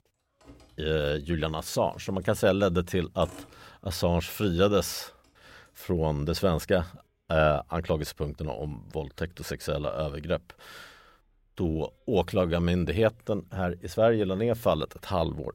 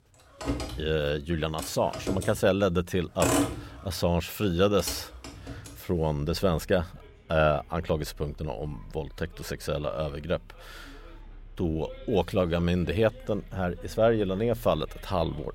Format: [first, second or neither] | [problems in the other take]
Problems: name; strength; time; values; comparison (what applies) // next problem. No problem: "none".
first | traffic noise; loud; throughout; 8 dB below the speech; faint in the first